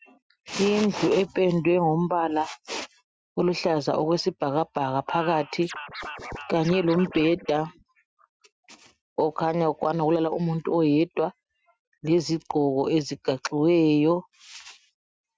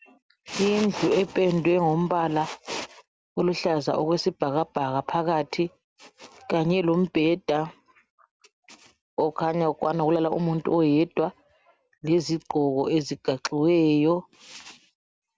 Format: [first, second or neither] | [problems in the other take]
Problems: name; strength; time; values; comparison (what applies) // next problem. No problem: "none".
second | noise reduction (classical method Wiener filter)